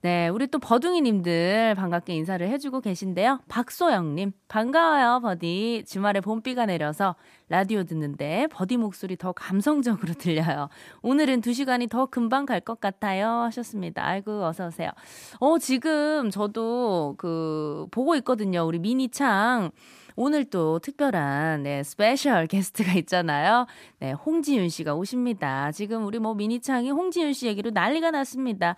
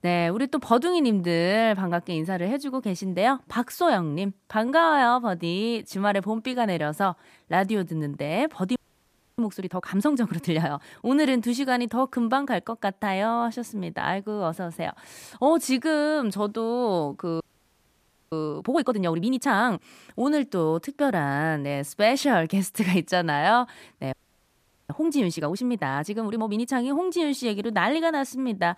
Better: first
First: none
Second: audio freezing; at 9 s for 0.5 s, at 17 s for 1 s and at 24 s for 1 s

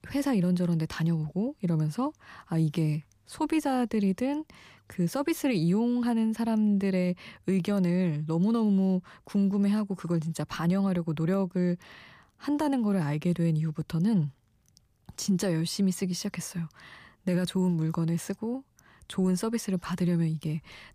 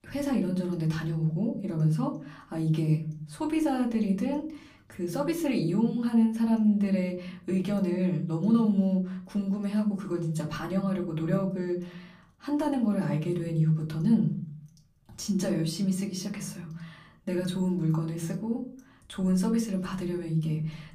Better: first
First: none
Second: off-mic speech; far // room echo; very slight; dies away in 0.5 s

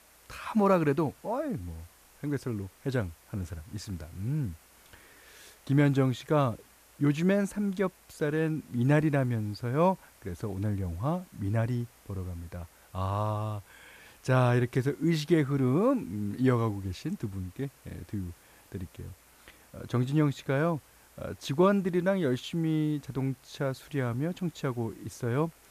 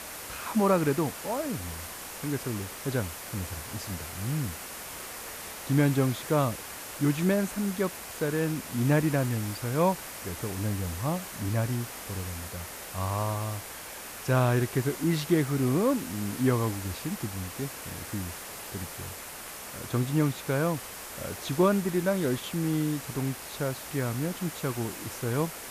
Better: first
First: hiss; faint; throughout; 25 dB below the speech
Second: hiss; loud; throughout; 9 dB below the speech

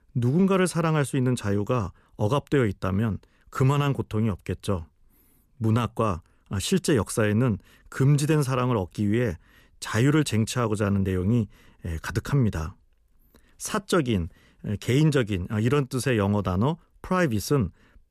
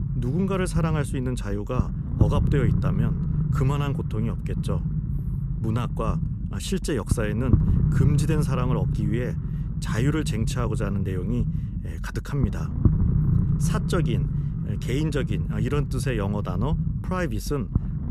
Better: first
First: none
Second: low rumble; loud; throughout; 5 dB below the speech

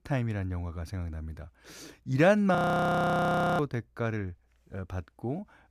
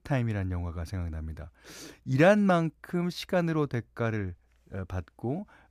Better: second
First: audio freezing; at 2.5 s for 1 s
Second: none

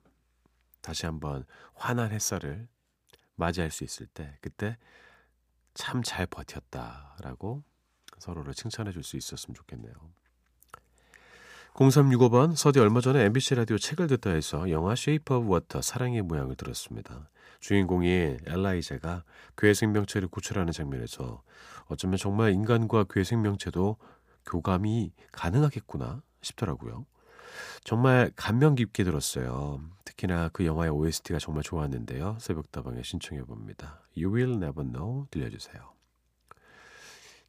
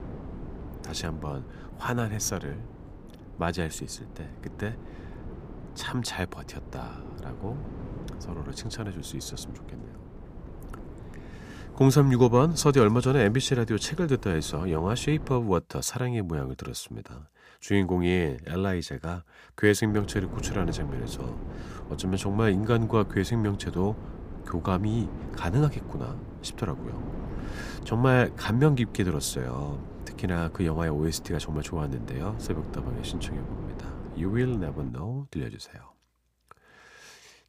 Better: first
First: none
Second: wind noise on the microphone; occasional gusts; until 15 s and from 20 to 35 s; 15 dB below the speech

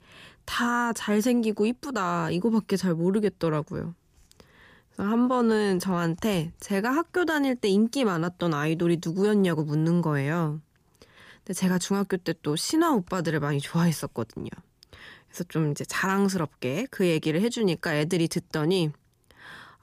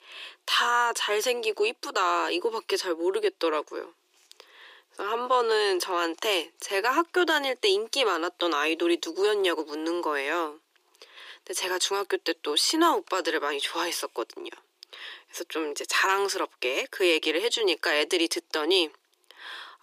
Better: first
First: none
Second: thin; very; fading below 350 Hz

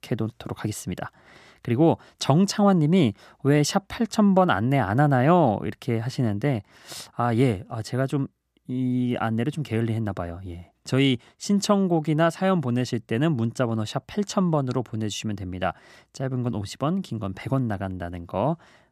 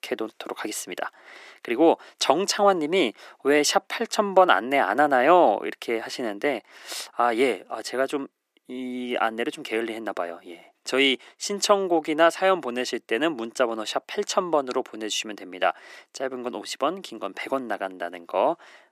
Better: first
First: none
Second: thin; very; fading below 350 Hz

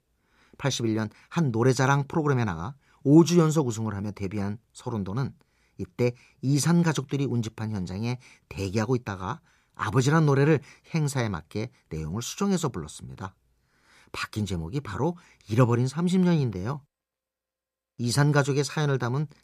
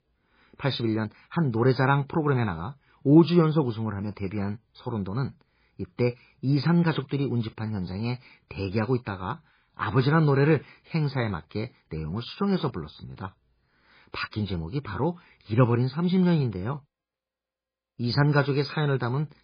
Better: first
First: none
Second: garbled, watery; badly; nothing above 5 kHz

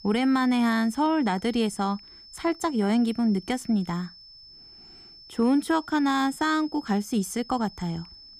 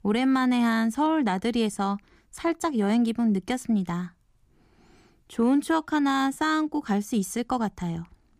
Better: second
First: high-pitched whine; faint; throughout; 5.5 kHz, 20 dB below the speech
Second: none

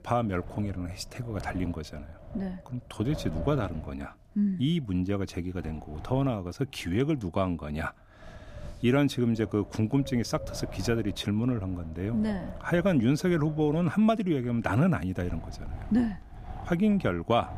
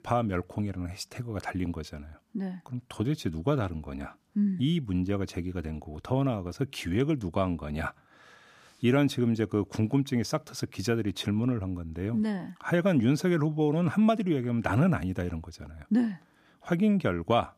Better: second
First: wind noise on the microphone; occasional gusts; 15 dB below the speech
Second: none

